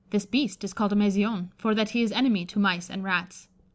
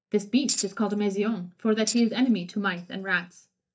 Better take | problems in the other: first | noise reduction (neural mask model DeepFilterNet 3)

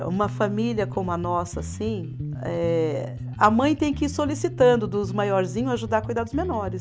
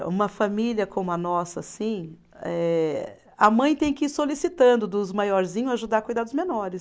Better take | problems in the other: second | background sound (Bass guitar); 8 dB below the speech

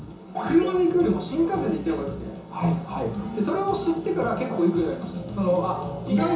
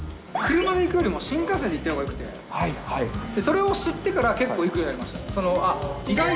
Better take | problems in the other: second | room echo; dies away in 0.7 s

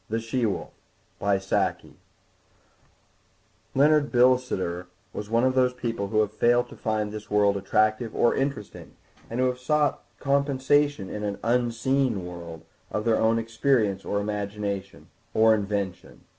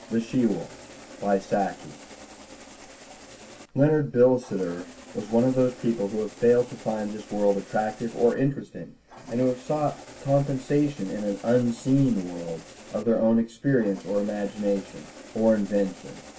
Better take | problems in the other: first | background sound (Engine starting); 20 dB below the speech // room echo; dies away in 0.2 s

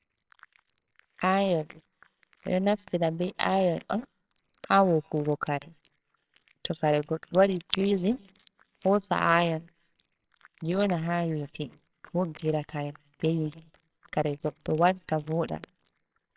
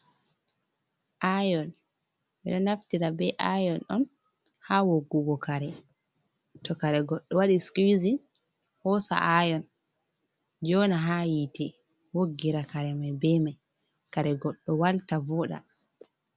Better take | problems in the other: second | noise reduction (neural separator model SepFormer WHAMR!)

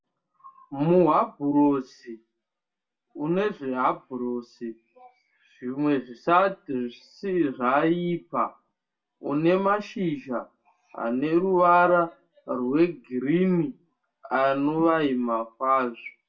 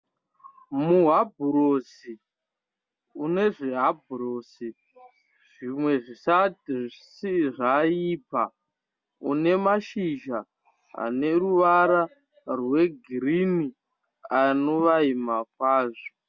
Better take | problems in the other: second | room echo; dies away in 0.2 s

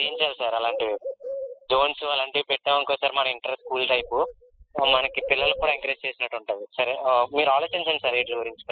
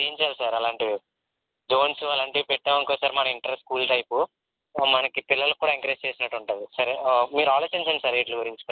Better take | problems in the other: second | noise reduction (classical method spectral subtraction)

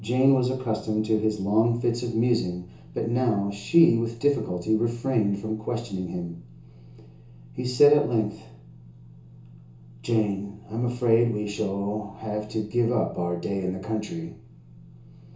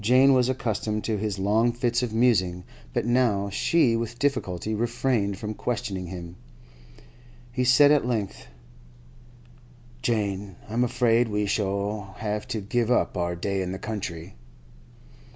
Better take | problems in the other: second | room echo; dies away in 0.7 s

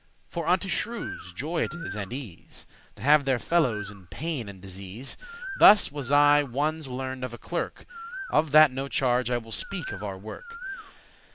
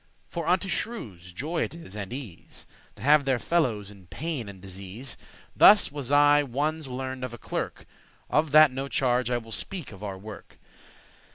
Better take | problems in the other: second | background sound (Bird); 15 dB below the speech

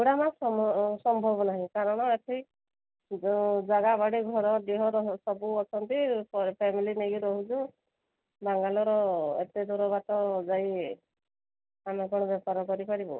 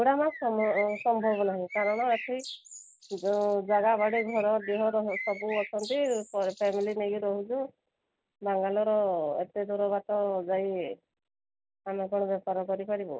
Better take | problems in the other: first | background sound (Bird); 13 dB below the speech

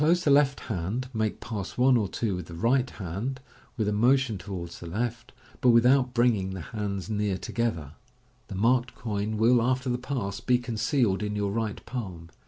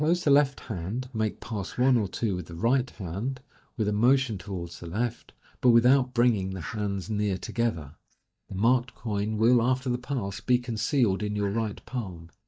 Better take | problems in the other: first | noise reduction (neural mask model DeepFilterNet 3)

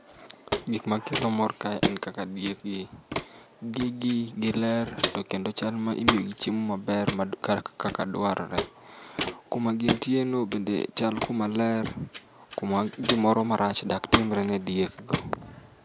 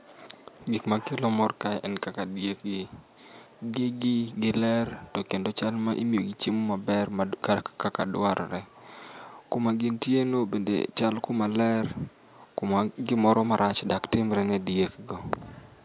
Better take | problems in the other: second | background sound (Walk, footsteps); 6 dB below the speech

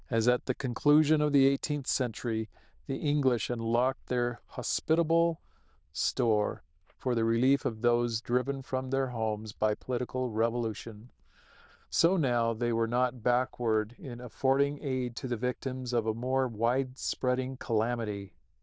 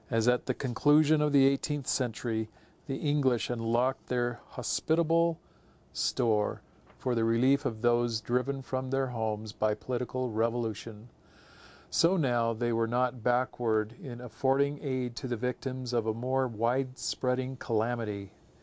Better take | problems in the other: second | noise reduction (neural diffusion model UNIVERSE++)

